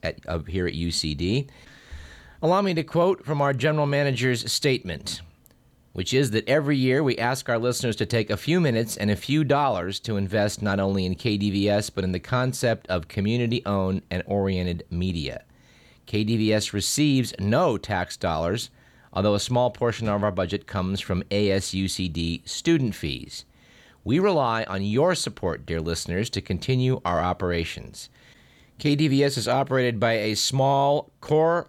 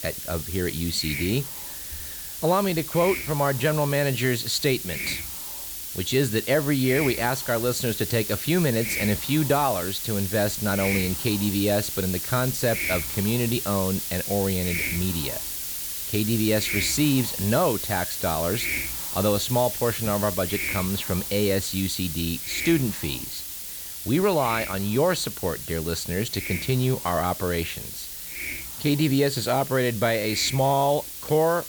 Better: first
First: none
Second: hiss; loud; throughout; 4 dB below the speech

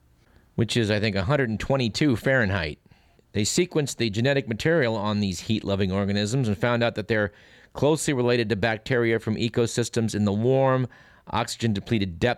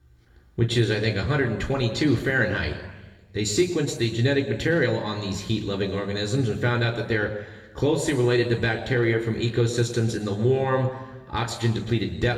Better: first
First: none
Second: room echo; noticeable; dies away in 1 s // off-mic speech; far

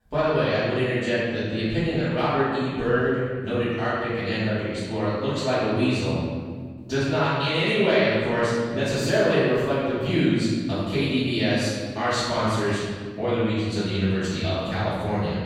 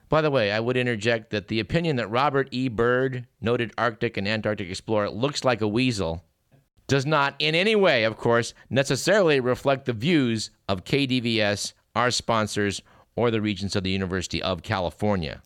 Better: second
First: off-mic speech; far // room echo; strong; dies away in 1.7 s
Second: none

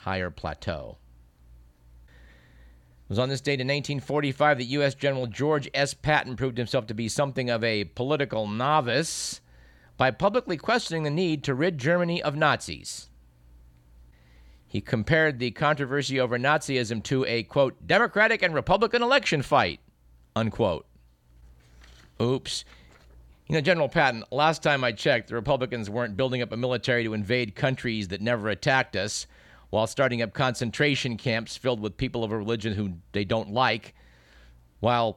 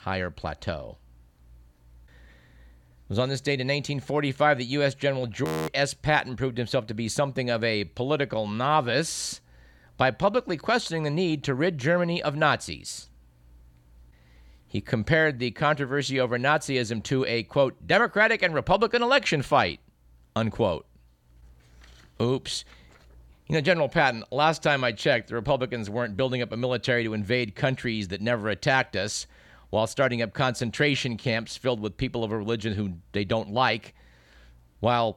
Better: first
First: none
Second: audio freezing; at 5.5 s

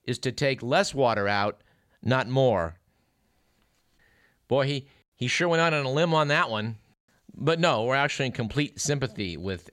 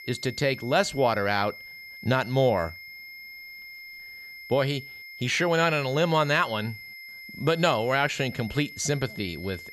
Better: first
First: none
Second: high-pitched whine; noticeable; throughout; 2 kHz, 15 dB below the speech

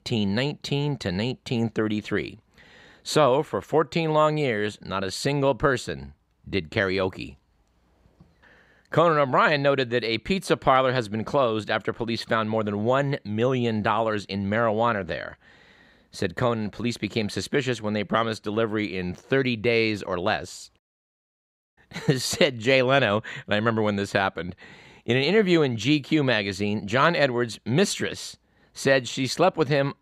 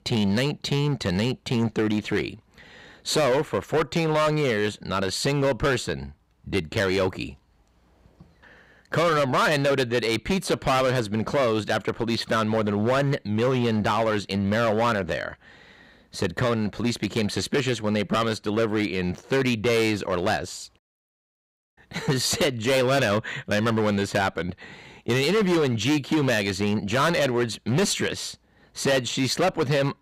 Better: first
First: none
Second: distortion; heavy; 12% of the sound clipped

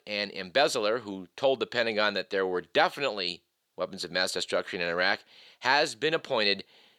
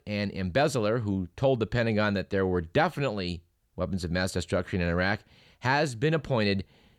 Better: second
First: thin; somewhat; fading below 400 Hz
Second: none

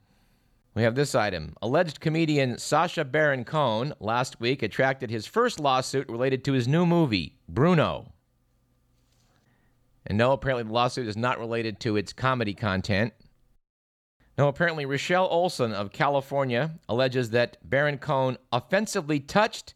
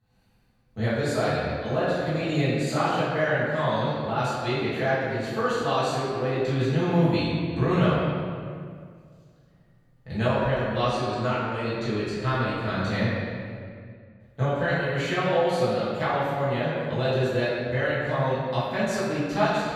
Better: first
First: none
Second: off-mic speech; far // room echo; strong; dies away in 1.9 s

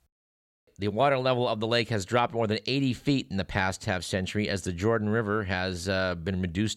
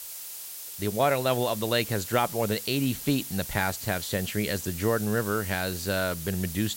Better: first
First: none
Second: hiss; loud; throughout; 8 dB below the speech

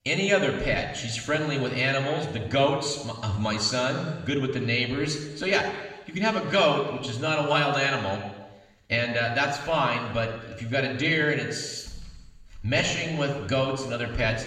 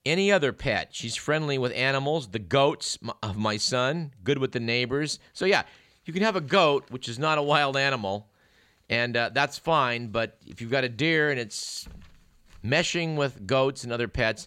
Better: second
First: room echo; noticeable; dies away in 1.1 s // off-mic speech; somewhat distant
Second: none

